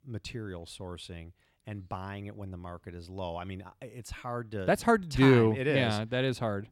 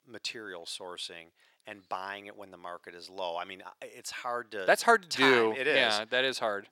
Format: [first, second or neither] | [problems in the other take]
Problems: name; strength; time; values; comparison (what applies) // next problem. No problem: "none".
first | thin; very; fading below 550 Hz